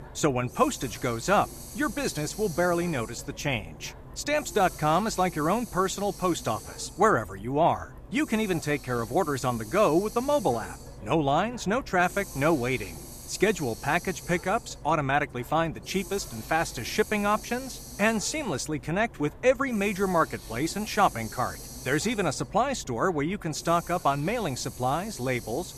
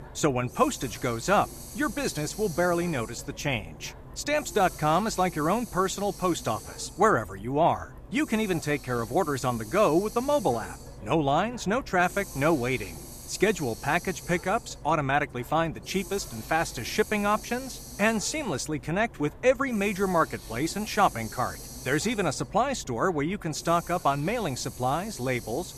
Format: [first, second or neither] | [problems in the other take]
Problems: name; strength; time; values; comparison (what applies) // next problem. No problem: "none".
neither | hiss; noticeable; throughout; 15 dB below the speech; the same in both